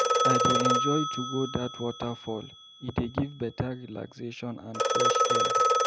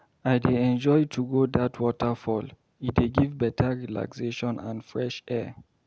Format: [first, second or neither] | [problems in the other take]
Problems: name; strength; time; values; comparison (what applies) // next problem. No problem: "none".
second | background sound (Telephone); 4 dB above the speech